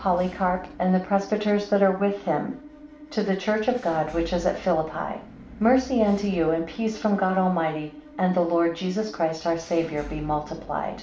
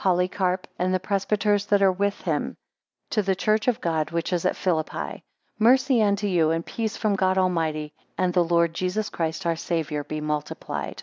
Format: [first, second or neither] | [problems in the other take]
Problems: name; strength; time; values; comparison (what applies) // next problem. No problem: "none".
second | background sound (Engine / Mechanisms); 18 dB below the speech // room echo; dies away in 0.4 s